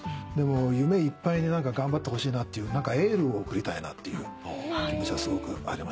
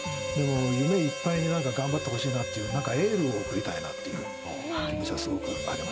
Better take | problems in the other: first | background sound (Harmonica); 6 dB below the speech

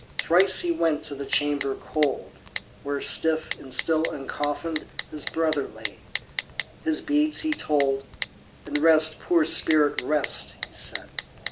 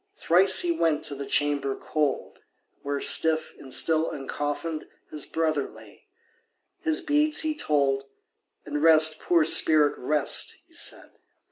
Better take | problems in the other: second | background sound (Typing); 11 dB below the speech

